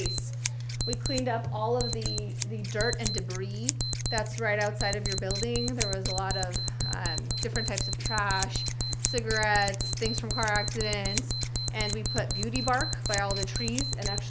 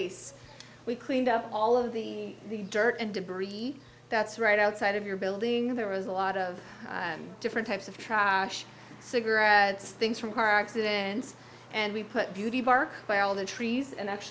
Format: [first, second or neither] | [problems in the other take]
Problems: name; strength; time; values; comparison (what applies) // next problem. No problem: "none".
second | background sound (Scissors + Alarm); 2 dB above the speech